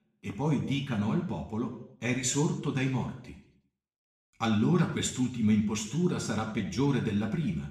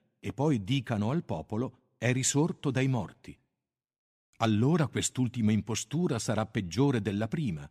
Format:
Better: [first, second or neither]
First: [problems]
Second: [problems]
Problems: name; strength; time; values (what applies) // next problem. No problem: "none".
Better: second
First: room echo; slight; dies away in 0.7 s // off-mic speech; somewhat distant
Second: none